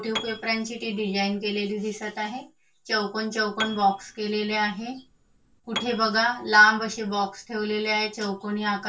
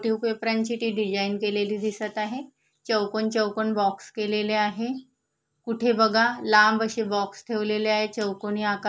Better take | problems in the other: second | background sound (Piano); 15 dB below the speech // room echo; dies away in 0.2 s

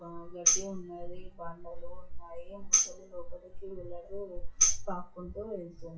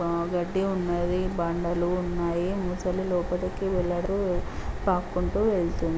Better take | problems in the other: second | noise reduction (classical method WPE with log-MMSE)

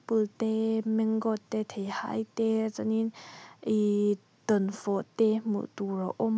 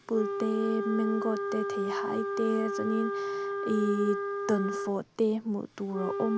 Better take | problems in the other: first | background sound (Wind instrument, woodwind instrument); 3 dB below the speech

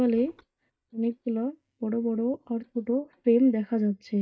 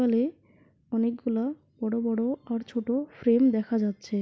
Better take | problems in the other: second | noise reduction (neural mask model DeepFilterNet 3)

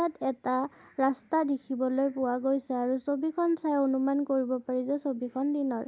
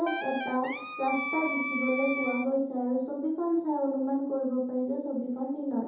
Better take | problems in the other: first | background sound (Wind instrument, woodwind instrument); 5 dB below the speech // room echo; dies away in 0.8 s

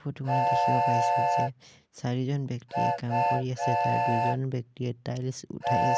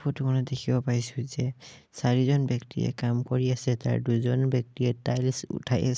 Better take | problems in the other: second | background sound (Train); 4 dB above the speech

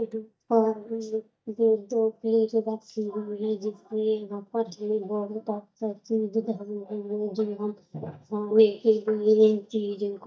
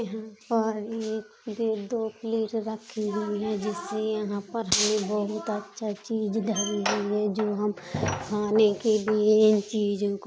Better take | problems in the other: second | noise reduction (neural mask model DeepFilterNet 3)

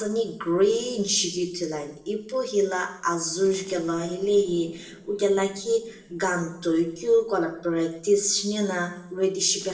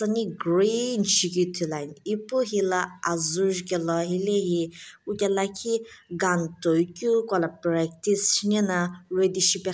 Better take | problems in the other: second | noise reduction (neural separator model SepFormer DNS4)

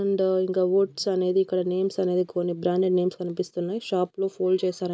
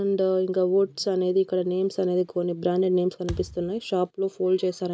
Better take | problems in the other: first | background sound (Thump, thud); 14 dB below the speech

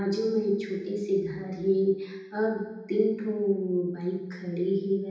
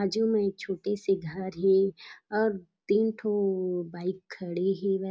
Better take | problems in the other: second | room echo; dies away in 0.9 s

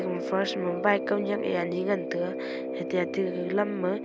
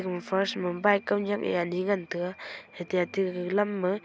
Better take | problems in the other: second | background sound (Brass instrument); 4 dB below the speech

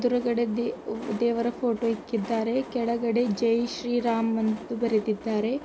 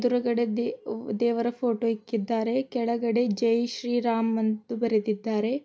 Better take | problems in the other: second | background sound (Train); 15 dB below the speech

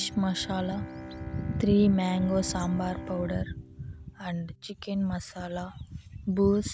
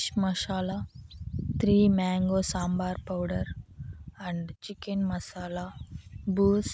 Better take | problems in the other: second | background sound (Bowed string instrument); 15 dB below the speech

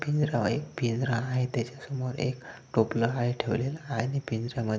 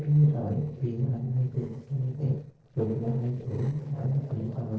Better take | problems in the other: first | noise reduction (neural separator model SepFormer DNS4)

